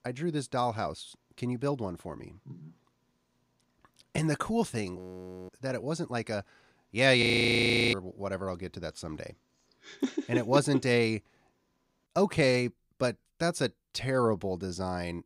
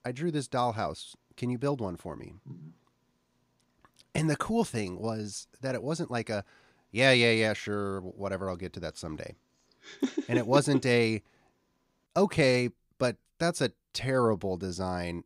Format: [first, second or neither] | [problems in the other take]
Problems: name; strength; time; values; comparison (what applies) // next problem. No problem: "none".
second | audio freezing; at 5 s for 0.5 s and at 7 s for 0.5 s